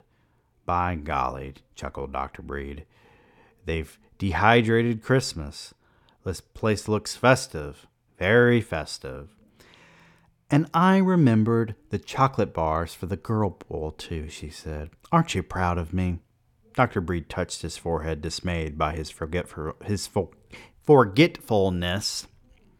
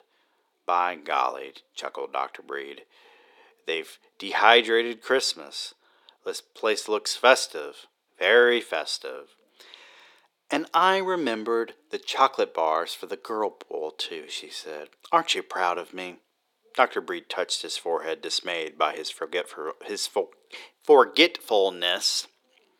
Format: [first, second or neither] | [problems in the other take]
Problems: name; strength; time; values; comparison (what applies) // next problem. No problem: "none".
first | thin; very; fading below 350 Hz